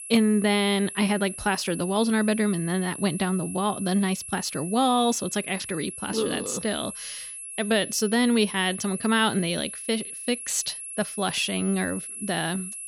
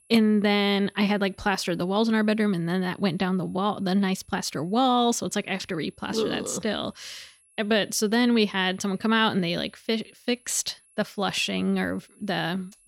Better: second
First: high-pitched whine; loud; throughout; 11 kHz, 9 dB below the speech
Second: high-pitched whine; faint; throughout; 11 kHz, 35 dB below the speech

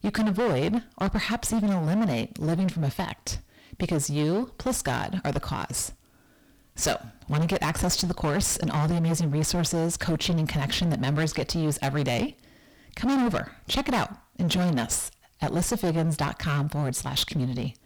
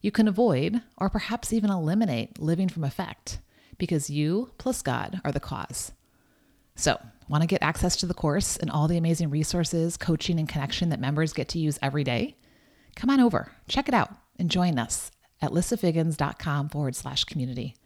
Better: second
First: distortion; heavy; 20% of the sound clipped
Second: none

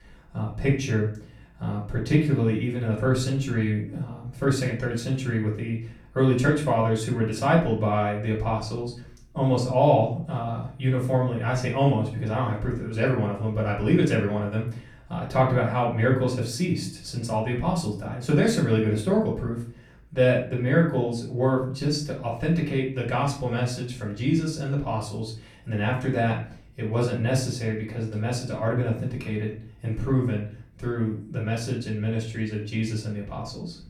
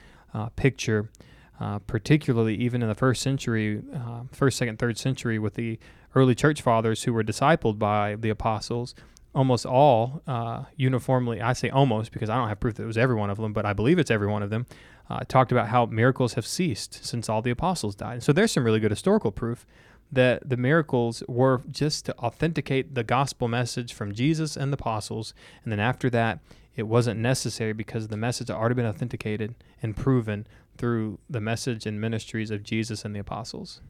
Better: second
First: off-mic speech; far // room echo; slight; dies away in 0.4 s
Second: none

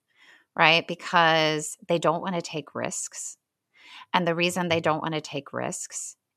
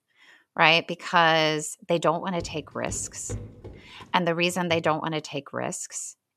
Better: first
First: none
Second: footsteps; faint; from 2.5 to 4 s; peak 15 dB below the speech

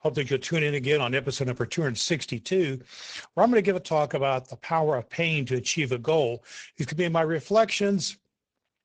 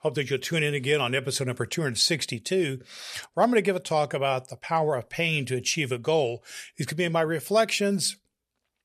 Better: second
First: garbled, watery; slightly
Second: none

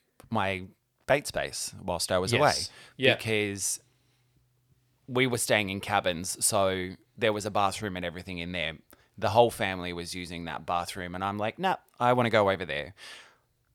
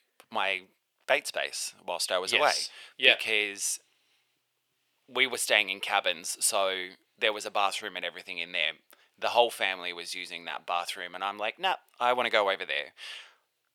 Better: first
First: none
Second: thin; somewhat; fading below 500 Hz

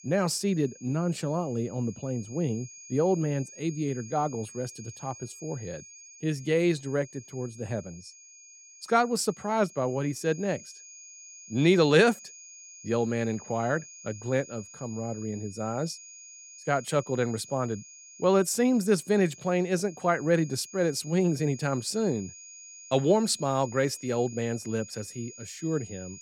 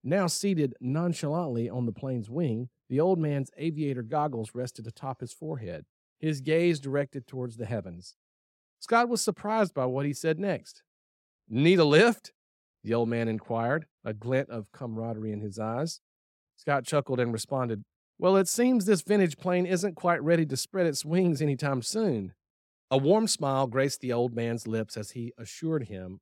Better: second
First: high-pitched whine; noticeable; throughout; 6.5 kHz, 15 dB below the speech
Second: none

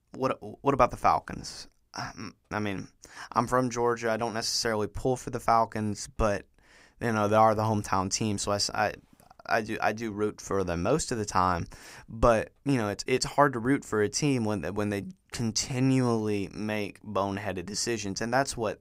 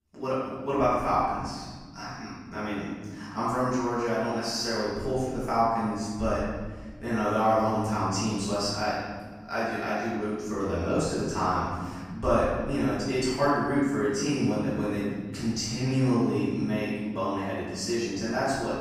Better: first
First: none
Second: room echo; strong; dies away in 1.7 s // off-mic speech; far

